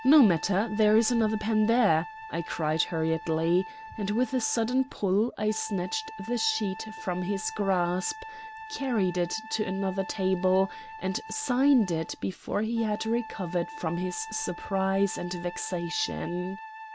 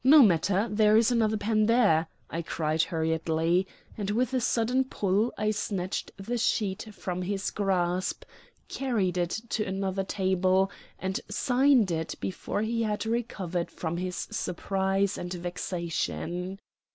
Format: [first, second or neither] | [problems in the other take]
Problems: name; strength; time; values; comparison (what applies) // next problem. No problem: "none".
second | background sound (Wind instrument, woodwind instrument); 14 dB below the speech